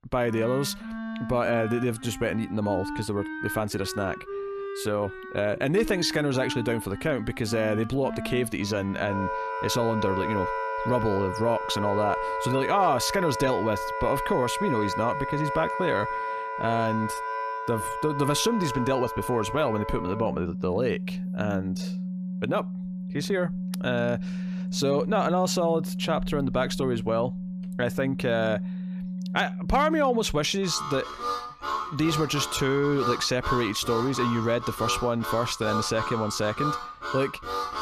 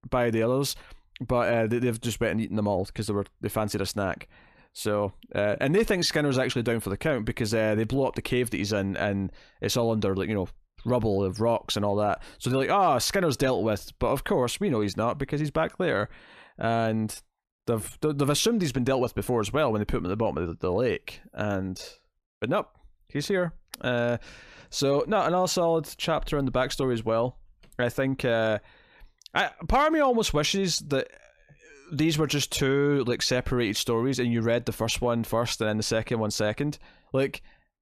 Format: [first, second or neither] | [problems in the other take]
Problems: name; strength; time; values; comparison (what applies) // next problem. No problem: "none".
second | background music; loud; throughout; 5 dB below the speech